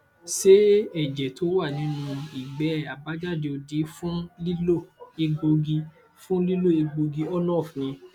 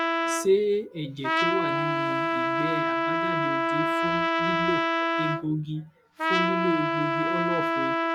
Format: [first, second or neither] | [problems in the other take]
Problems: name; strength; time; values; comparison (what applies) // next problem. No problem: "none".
first | background sound (Trumpet); 4 dB above the speech